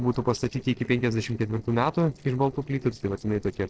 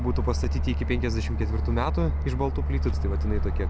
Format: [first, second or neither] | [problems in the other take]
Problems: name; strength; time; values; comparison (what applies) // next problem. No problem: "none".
second | noise reduction (neural separator model SepFormer DNS4)